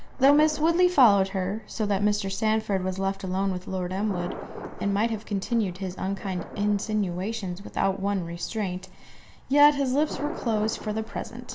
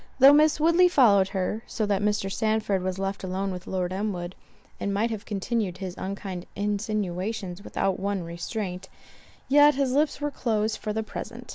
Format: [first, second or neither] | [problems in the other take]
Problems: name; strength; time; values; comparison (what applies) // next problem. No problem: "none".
second | background sound (Thunder); 16 dB below the speech // room echo; dies away in 0.5 s